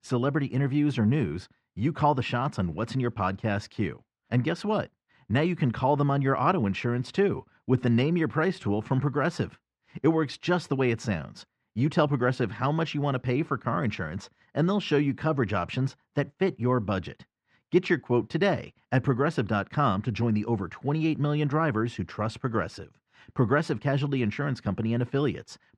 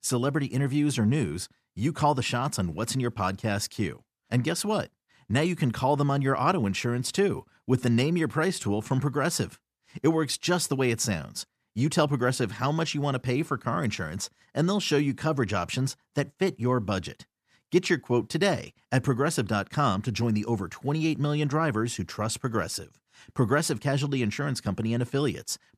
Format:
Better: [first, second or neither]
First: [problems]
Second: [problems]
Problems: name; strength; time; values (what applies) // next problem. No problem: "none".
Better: second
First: muffled; slightly; fading above 3 kHz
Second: none